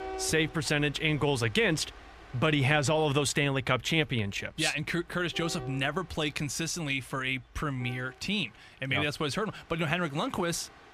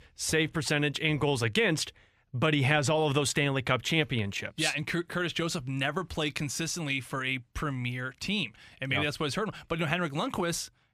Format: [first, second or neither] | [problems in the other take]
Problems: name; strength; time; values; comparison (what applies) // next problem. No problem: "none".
second | train or aircraft noise; faint; throughout; 20 dB below the speech